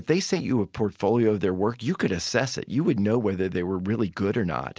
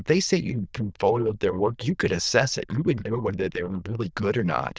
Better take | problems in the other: first | noise reduction (neural diffusion model UNIVERSE++)

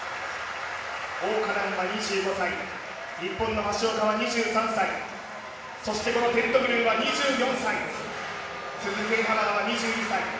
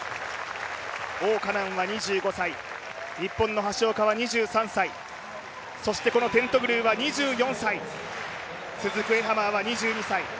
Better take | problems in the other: second | background sound (Harmonica); 12 dB below the speech // room echo; dies away in 1.1 s

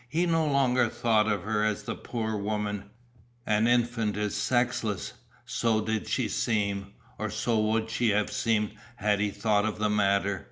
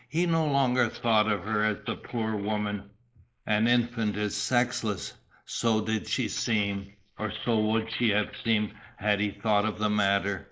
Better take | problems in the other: first | noise reduction (neural mask model Resemble Enhance denoiser)

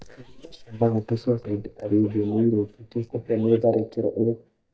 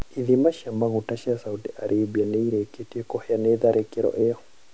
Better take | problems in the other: second | noise reduction (neural mask model DeepFilterNet 3)

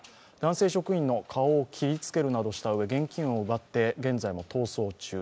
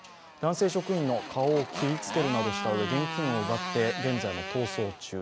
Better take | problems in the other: first | background sound (Motorcycle); 6 dB below the speech

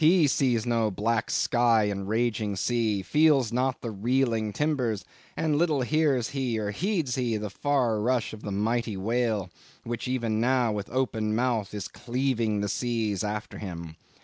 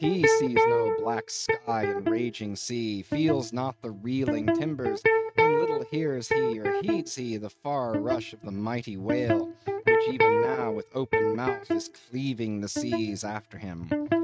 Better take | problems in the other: first | noise reduction (neural mask model RNNoise)

